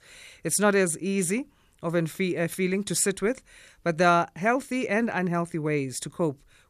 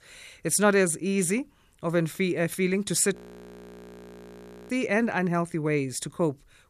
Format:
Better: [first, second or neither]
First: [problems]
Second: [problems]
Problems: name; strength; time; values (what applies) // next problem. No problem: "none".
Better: first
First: none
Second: audio freezing; at 3 s for 1.5 s